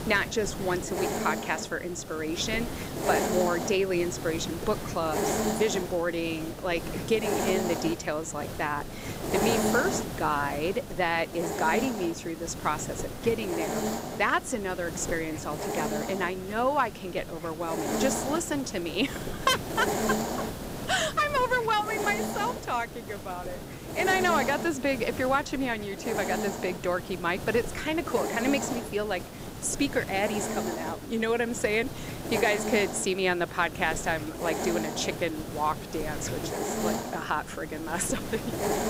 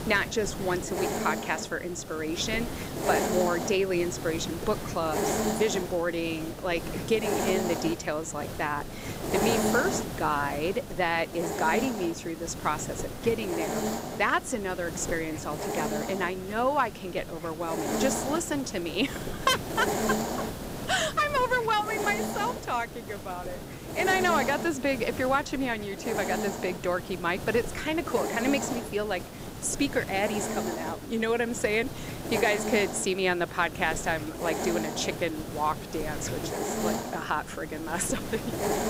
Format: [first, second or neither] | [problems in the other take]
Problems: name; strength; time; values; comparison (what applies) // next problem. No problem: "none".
neither | hiss; loud; throughout; 4 dB below the speech; the same in both